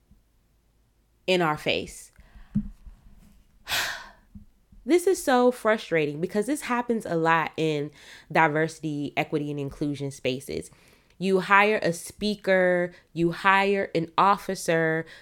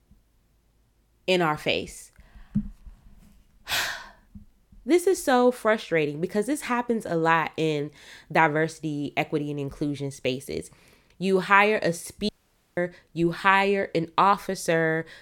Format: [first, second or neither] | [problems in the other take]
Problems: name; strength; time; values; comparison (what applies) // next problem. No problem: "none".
first | audio cutting out; at 12 s